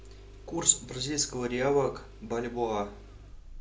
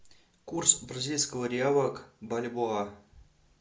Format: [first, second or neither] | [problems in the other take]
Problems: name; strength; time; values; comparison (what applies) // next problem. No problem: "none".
second | background sound (Engine starting); 16 dB below the speech